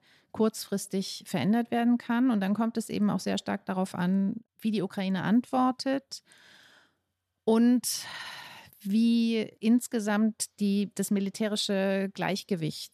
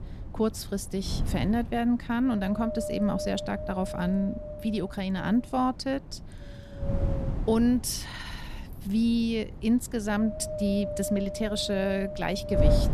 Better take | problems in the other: first | wind noise on the microphone; heavy; 4 dB below the speech

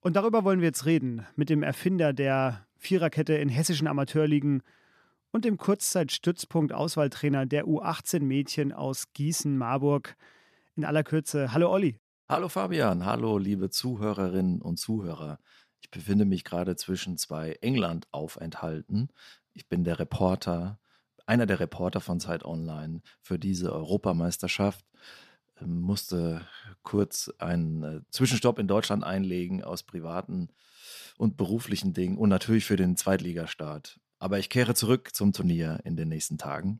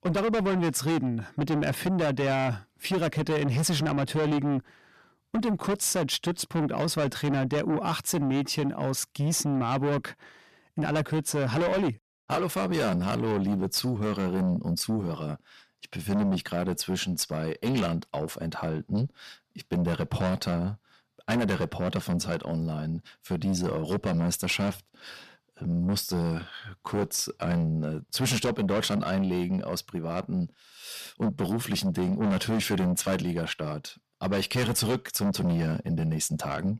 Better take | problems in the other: first | distortion; heavy; 6 dB below the speech

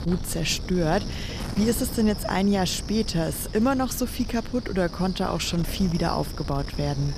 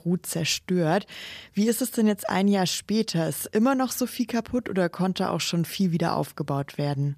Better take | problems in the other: second | wind noise on the microphone; occasional gusts; 10 dB below the speech

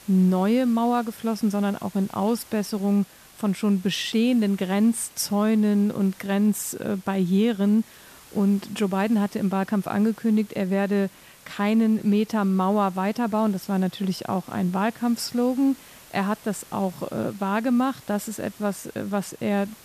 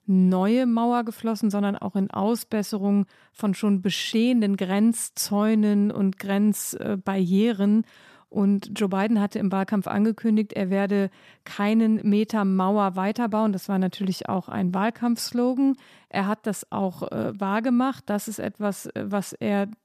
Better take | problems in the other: second | hiss; faint; throughout; 25 dB below the speech

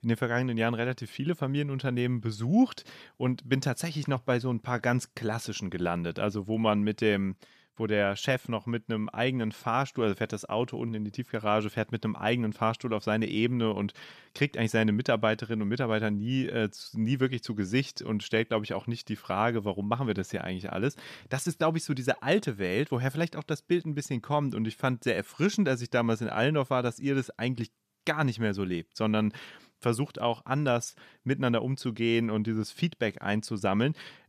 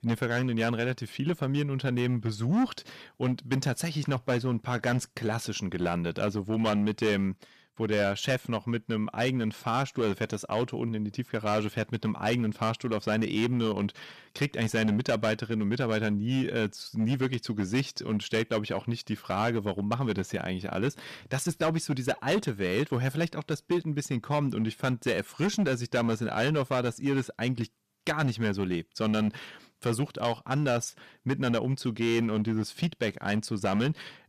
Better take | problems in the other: first | distortion; slight; 7% of the sound clipped

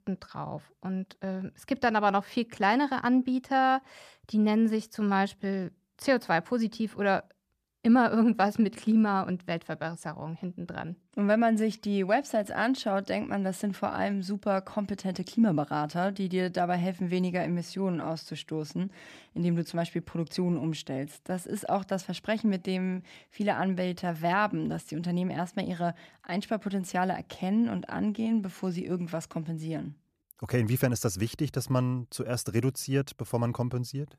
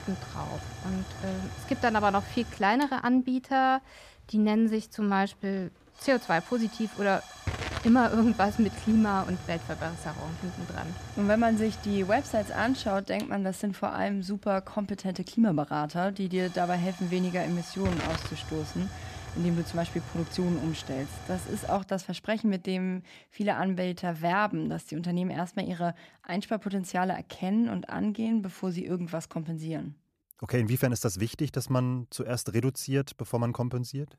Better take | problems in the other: first | hiss; noticeable; until 22 s; 10 dB below the speech

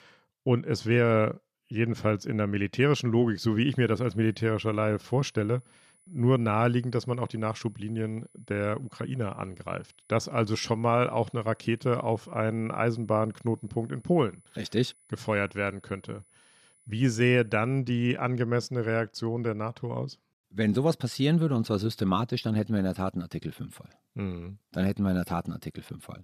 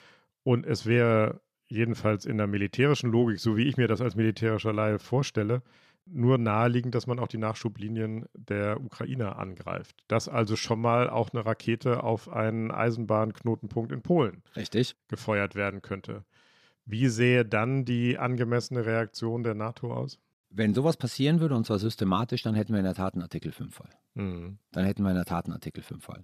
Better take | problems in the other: second | high-pitched whine; faint; from 3.5 to 18 s; 10 kHz, 30 dB below the speech

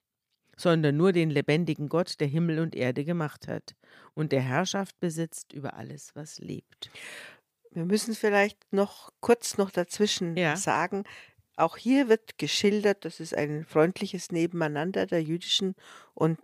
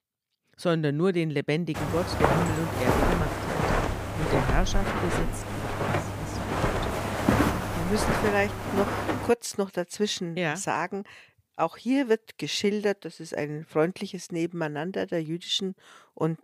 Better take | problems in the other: first | footsteps; loud; from 2 to 9.5 s; peak 6 dB above the speech

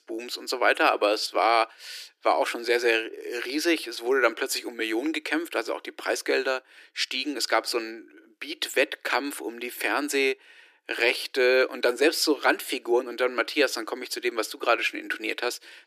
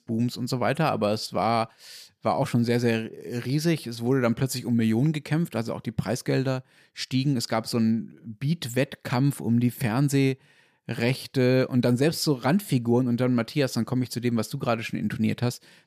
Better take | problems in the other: second | thin; very; fading below 300 Hz

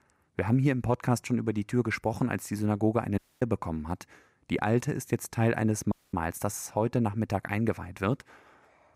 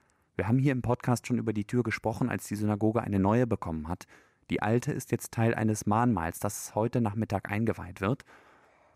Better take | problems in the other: second | audio cutting out; at 3 s and at 6 s

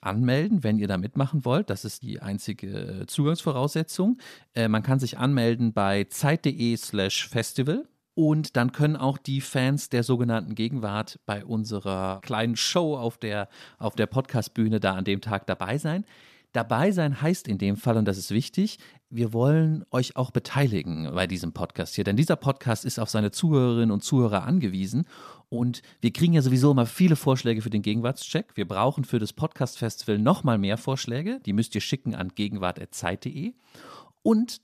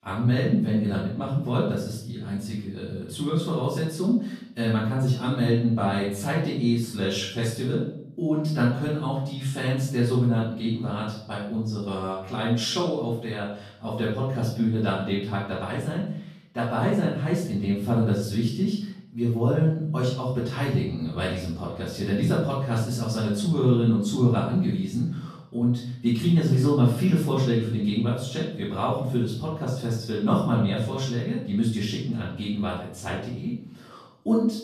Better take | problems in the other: first | room echo; noticeable; dies away in 0.6 s // off-mic speech; far

